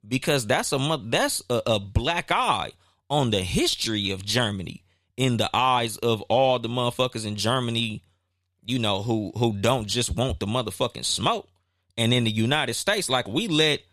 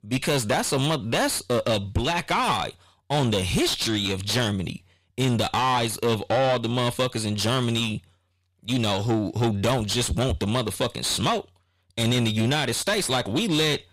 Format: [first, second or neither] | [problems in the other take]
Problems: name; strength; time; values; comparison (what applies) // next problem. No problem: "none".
first | distortion; heavy; 7 dB below the speech